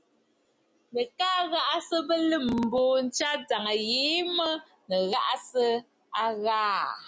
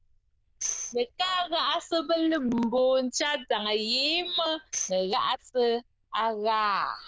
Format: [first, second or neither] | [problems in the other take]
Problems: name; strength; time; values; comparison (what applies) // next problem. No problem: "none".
first | noise reduction (neural diffusion model UNIVERSE++)